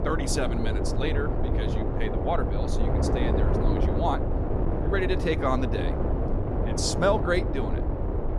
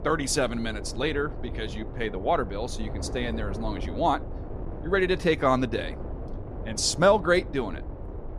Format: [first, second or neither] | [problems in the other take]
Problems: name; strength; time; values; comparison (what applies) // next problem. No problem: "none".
second | wind noise on the microphone; heavy; 3 dB below the speech; occasional gusts in the second